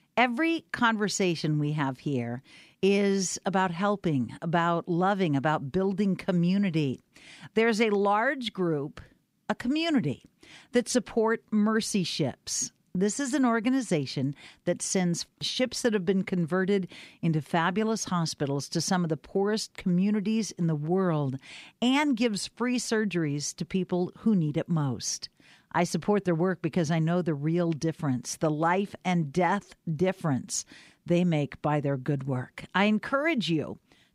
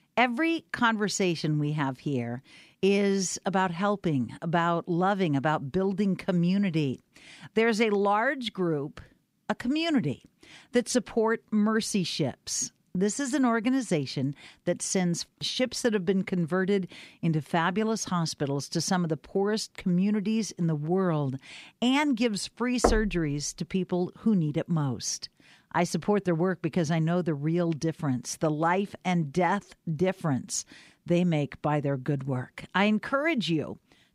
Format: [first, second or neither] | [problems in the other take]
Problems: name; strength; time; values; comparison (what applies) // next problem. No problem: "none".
first | door banging; loud; at 23 s; peak level with the speech